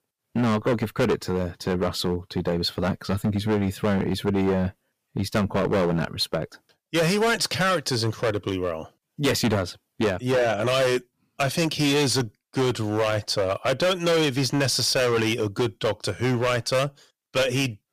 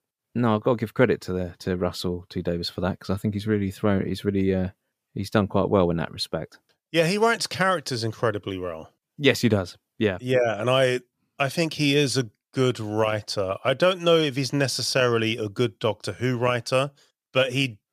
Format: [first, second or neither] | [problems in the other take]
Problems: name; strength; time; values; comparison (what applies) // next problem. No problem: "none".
second | distortion; heavy; 14% of the sound clipped